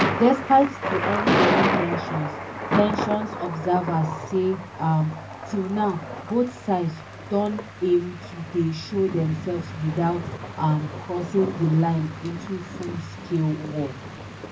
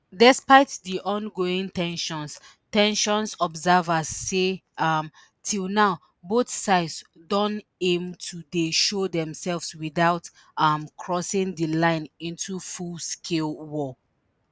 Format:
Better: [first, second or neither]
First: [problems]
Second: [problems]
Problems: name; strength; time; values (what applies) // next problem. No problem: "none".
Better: second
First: background sound (Thunder); 4 dB below the speech // room echo; dies away in 0.4 s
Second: none